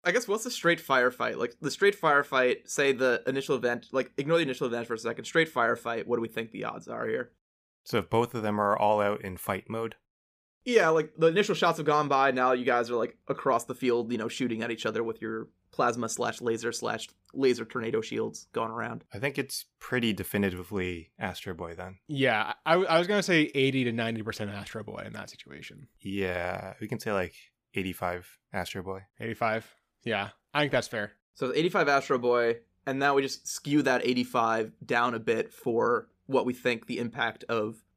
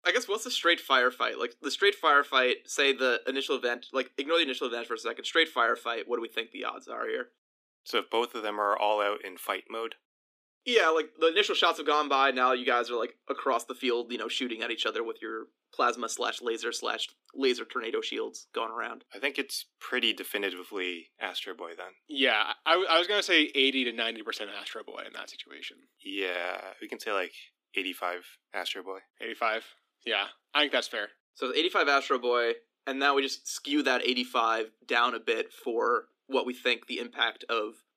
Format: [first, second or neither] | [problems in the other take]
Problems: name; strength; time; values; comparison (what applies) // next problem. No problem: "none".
first | thin; very slightly; fading below 250 Hz